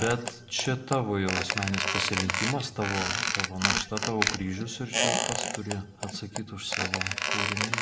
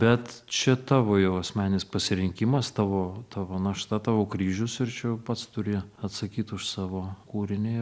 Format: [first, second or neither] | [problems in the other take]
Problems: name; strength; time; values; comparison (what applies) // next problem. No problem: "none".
second | background sound (Squeak); 1 dB above the speech // room echo; dies away in 0.5 s